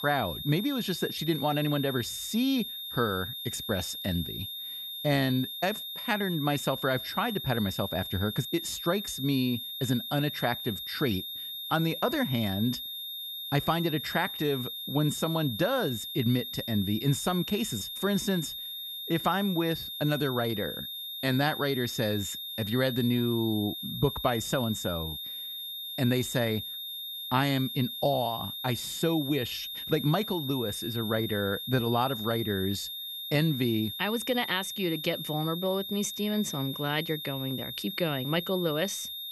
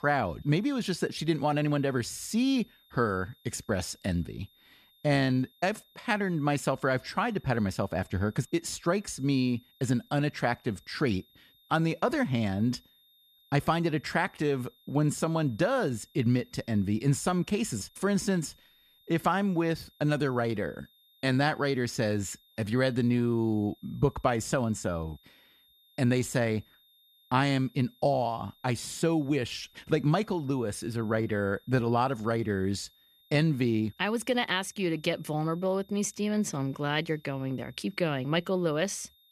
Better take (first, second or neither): second